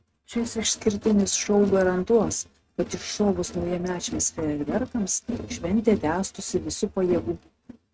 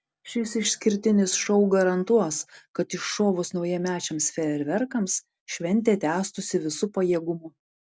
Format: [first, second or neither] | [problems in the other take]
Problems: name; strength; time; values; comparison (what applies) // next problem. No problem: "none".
second | noise reduction (neural mask model RNNoise)